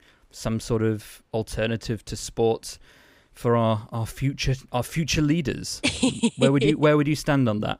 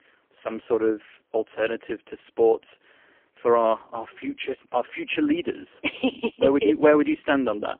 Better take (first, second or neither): first